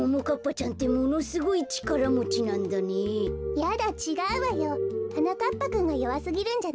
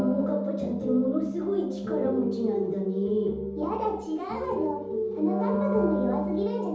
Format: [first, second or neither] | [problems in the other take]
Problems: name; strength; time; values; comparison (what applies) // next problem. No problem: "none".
first | background sound (Wind instrument, woodwind instrument); 5 dB below the speech // room echo; dies away in 0.8 s